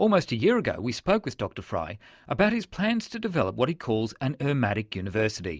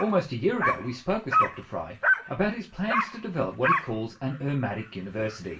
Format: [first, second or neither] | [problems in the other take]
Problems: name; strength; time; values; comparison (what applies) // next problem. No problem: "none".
first | background sound (Dog); 1 dB below the speech // room echo; dies away in 0.2 s